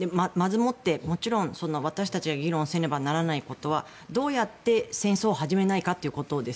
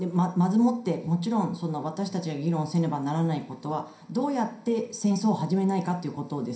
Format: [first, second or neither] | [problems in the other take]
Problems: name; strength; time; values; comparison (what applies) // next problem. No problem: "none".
first | room echo; dies away in 0.5 s